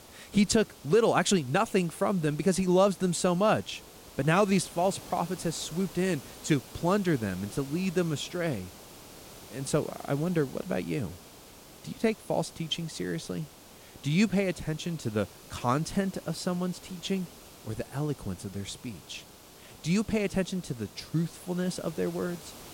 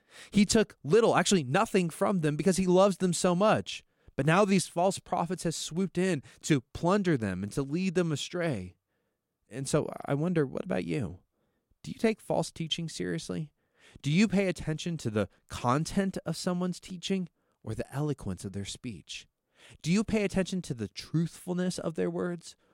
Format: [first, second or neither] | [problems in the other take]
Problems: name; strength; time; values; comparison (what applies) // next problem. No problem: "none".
second | hiss; noticeable; throughout; 20 dB below the speech